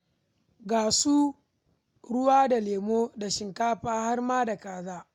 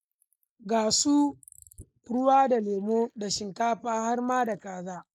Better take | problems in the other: first | noise reduction (neural mask model Resemble Enhance denoiser)

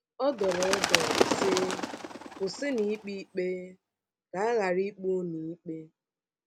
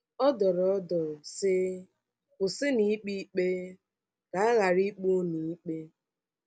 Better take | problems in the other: second | background sound (Bird); as loud as the speech

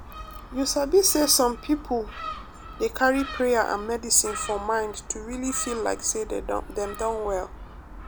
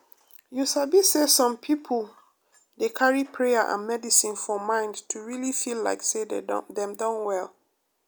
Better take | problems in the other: second | background sound (Gull, seagull); 13 dB below the speech

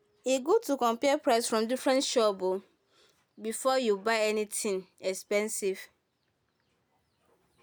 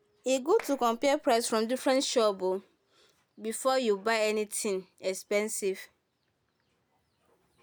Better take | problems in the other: first | background sound (Clapping); 19 dB below the speech

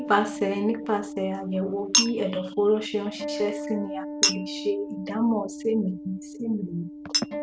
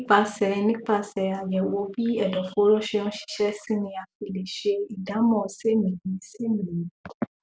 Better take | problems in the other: second | background sound (Acoustic guitar + Chink, clink); 4 dB below the speech

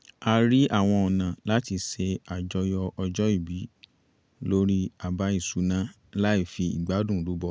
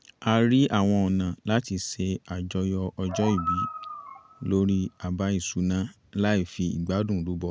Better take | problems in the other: first | background sound (Animal); 9 dB below the speech

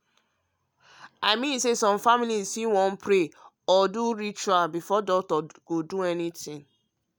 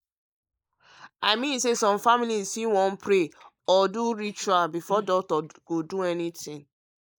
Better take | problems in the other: first | noise reduction (neural mask model Resemble Enhance denoiser)

